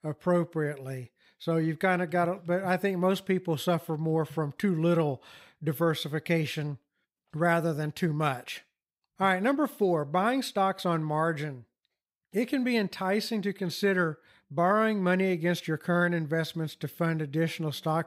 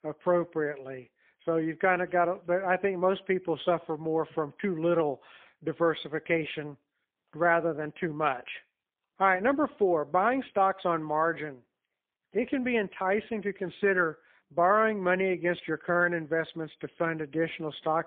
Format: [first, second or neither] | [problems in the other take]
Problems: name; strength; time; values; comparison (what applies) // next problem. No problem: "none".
first | phone-call audio; poor line; nothing above 3.5 kHz